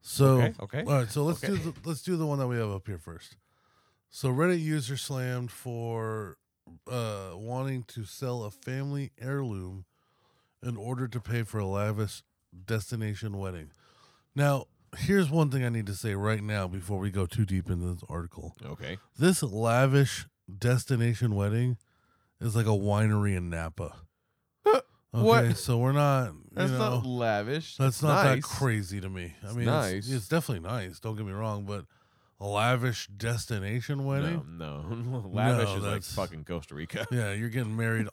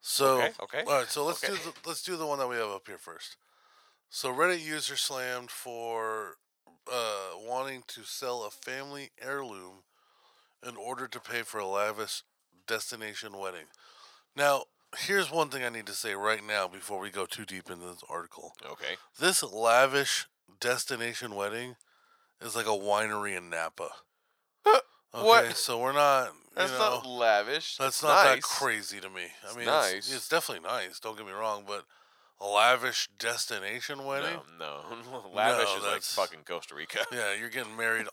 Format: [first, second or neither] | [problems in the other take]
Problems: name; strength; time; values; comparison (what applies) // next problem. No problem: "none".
first | thin; very; fading below 700 Hz